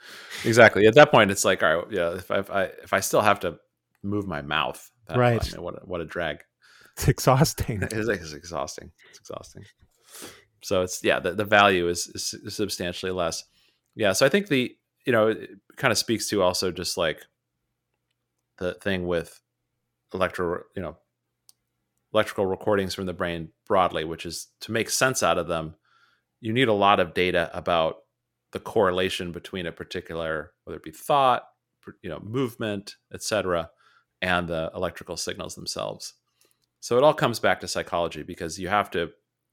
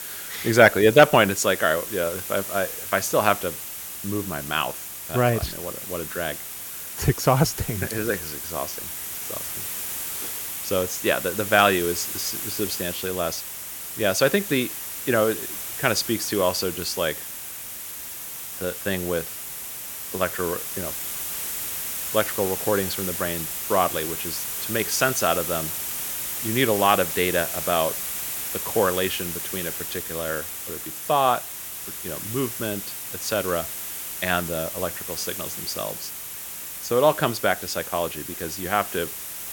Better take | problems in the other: first | hiss; loud; throughout; 5 dB below the speech

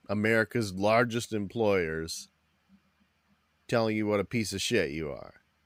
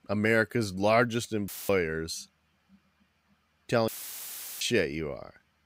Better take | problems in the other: first | audio cutting out; filled with static; at 1.5 s and at 4 s for 0.5 s

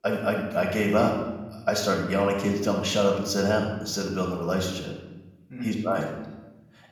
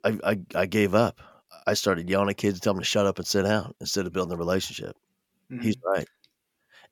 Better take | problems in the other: second | off-mic speech; far // room echo; noticeable; dies away in 0.9 s

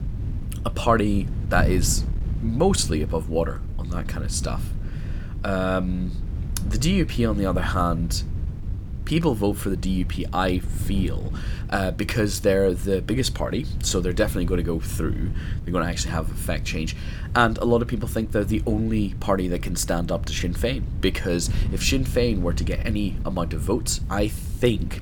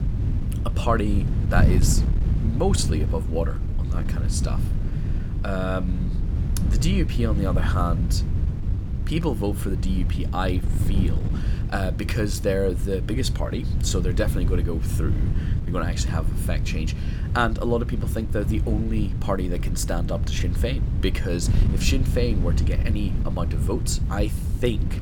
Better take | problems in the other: first | wind noise on the microphone; heavy; 9 dB below the speech; occasional gusts in the first

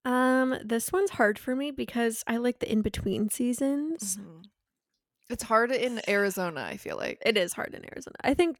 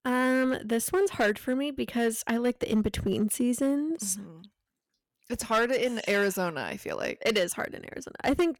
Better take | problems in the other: first | distortion; slight; 4% of the sound clipped

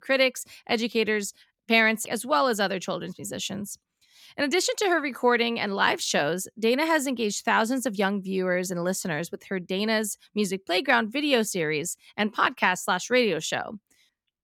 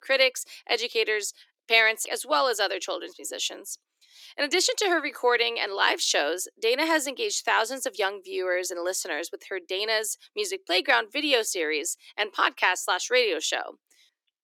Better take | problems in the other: first | thin; somewhat; fading below 300 Hz

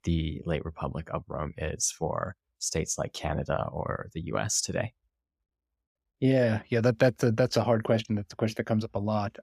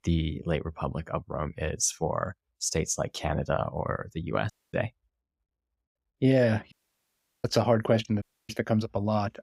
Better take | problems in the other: first | audio cutting out; at 4.5 s, at 6.5 s for 0.5 s and at 8 s

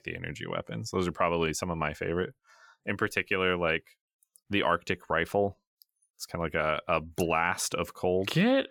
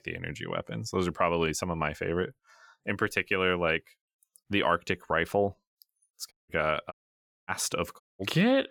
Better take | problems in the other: first | audio cutting out; at 6.5 s, at 7 s for 0.5 s and at 8 s

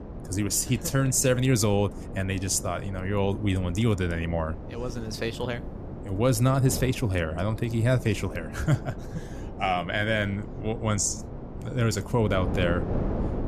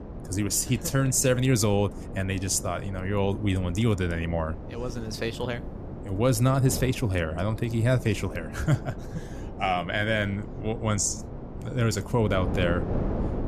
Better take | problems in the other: neither | wind noise on the microphone; occasional gusts; 15 dB below the speech; the same in both

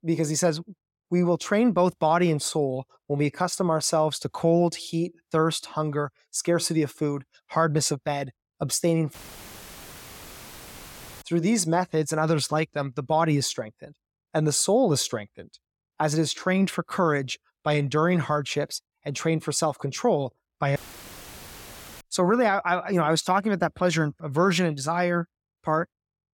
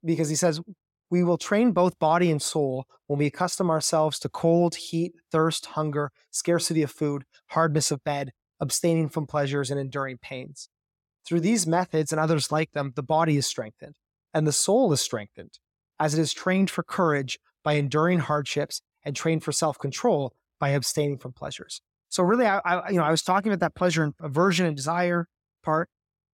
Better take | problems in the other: second | audio cutting out; filled with static; at 9 s for 2 s and at 21 s for 1.5 s

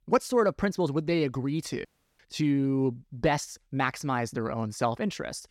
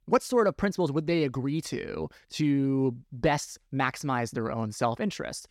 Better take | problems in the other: second | audio cutting out; at 2 s

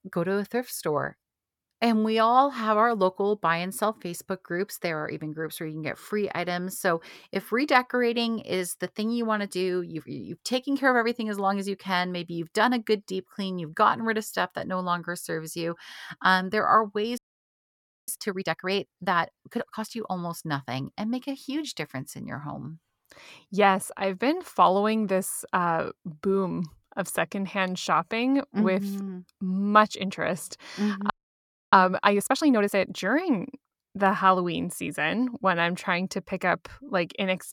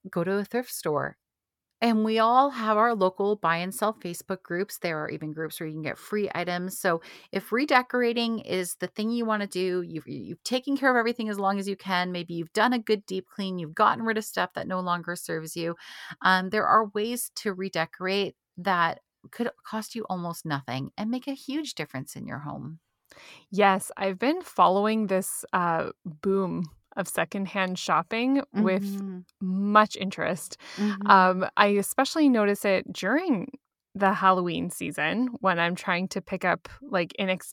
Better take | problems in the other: second | audio freezing; at 17 s for 1 s and at 31 s for 0.5 s

